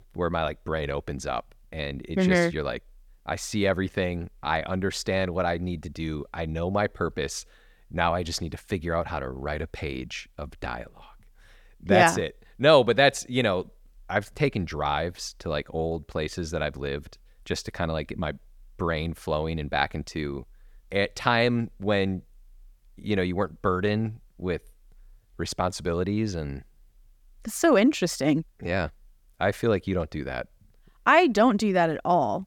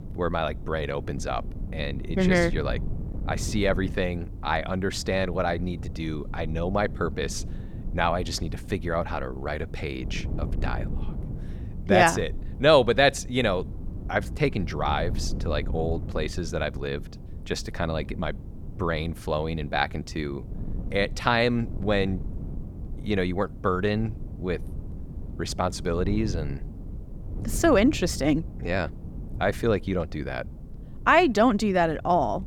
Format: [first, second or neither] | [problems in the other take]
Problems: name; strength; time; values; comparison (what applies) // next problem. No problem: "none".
first | wind noise on the microphone; occasional gusts; 20 dB below the speech